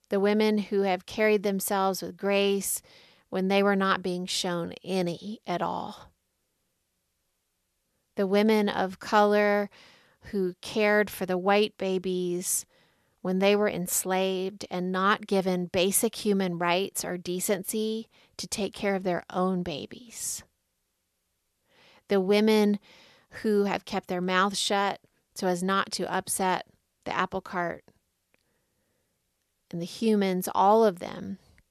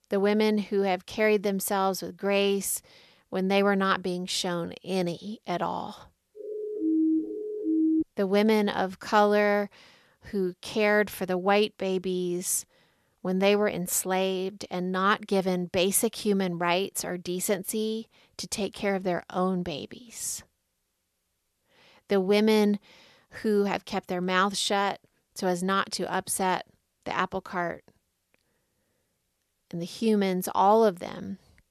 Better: first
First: none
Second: siren; loud; from 6.5 to 8 s; peak 2 dB above the speech

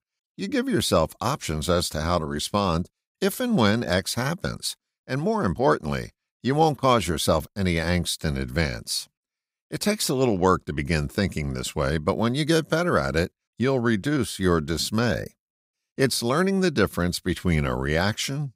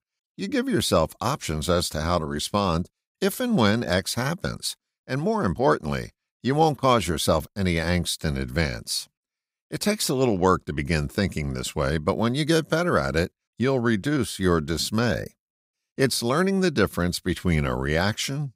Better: neither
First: none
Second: none

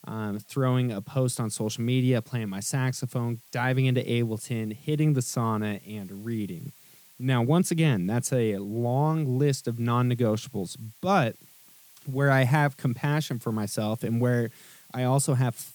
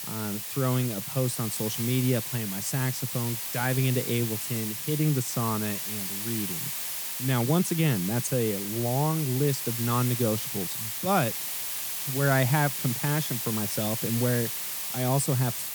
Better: first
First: hiss; faint; throughout; 25 dB below the speech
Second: hiss; loud; throughout; 2 dB below the speech

